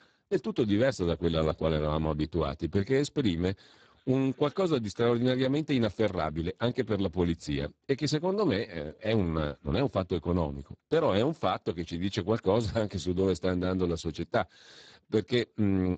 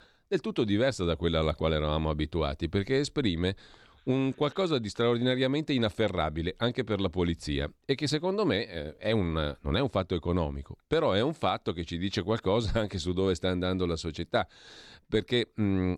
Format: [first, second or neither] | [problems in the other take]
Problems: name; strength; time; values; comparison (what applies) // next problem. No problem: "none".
second | garbled, watery; badly; nothing above 7.5 kHz